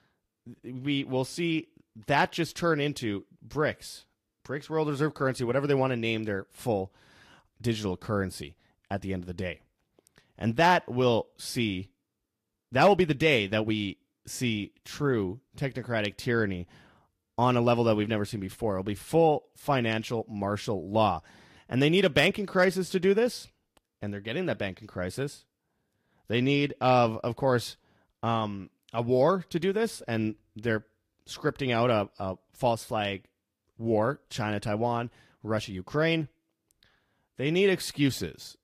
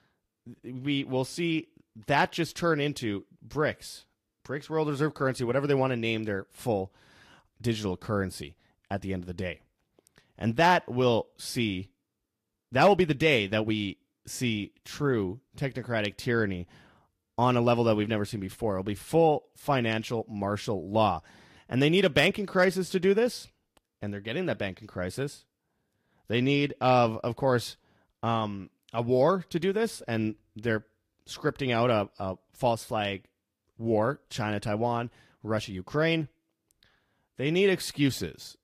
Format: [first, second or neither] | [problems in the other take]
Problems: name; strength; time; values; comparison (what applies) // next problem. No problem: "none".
neither | garbled, watery; slightly; nothing above 14.5 kHz; the same in both